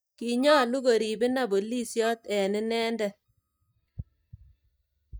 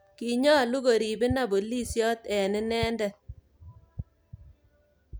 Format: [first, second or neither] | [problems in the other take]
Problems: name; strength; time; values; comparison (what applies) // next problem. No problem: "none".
second | noise reduction (neural mask model DeepFilterNet 3)